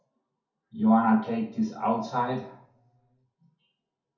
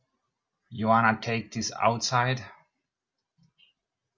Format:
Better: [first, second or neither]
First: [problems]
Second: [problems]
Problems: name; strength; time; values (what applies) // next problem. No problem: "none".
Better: second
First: room echo; dies away in 0.5 s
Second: none